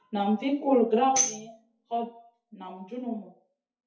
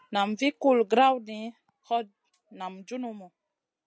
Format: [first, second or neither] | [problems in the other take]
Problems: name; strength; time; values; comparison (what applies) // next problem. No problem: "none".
second | noise reduction (classical method WPE with log-MMSE)